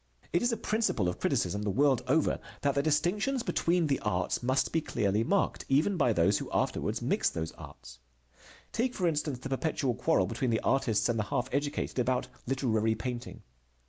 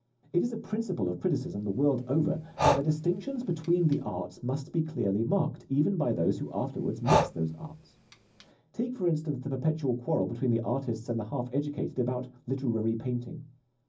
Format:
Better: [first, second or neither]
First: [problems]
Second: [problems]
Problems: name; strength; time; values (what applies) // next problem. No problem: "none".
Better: first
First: none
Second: background sound (Breathing); 4 dB below the speech // room echo; dies away in 0.4 s